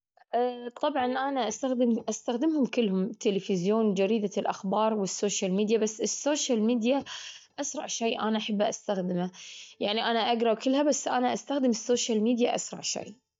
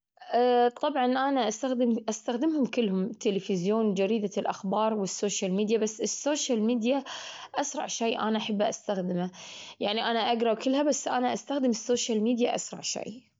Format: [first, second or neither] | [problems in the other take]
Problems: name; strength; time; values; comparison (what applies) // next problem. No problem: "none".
second | noise reduction (neural mask model DeepFilterNet 3)